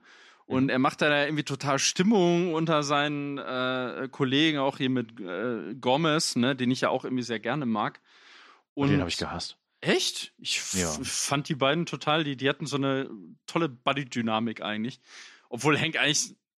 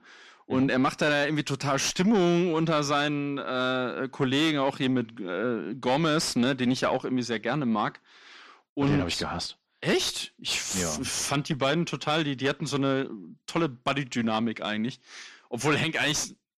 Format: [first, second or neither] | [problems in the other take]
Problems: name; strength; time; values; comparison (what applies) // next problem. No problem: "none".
first | distortion; slight; 10 dB below the speech